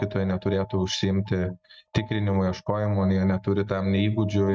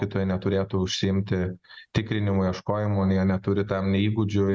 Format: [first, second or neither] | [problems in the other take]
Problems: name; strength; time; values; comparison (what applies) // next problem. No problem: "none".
second | noise reduction (neural mask model RNNoise)